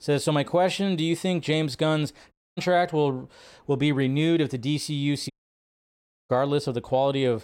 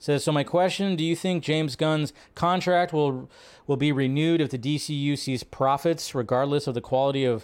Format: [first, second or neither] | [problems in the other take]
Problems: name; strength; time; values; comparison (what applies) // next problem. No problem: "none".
second | audio cutting out; at 2.5 s and at 5.5 s for 1 s